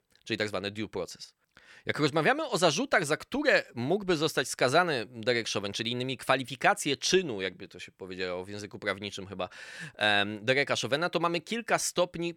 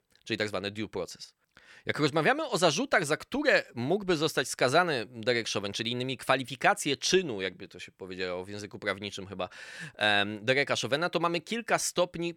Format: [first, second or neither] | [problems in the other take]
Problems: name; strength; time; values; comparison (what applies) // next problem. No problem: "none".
neither | none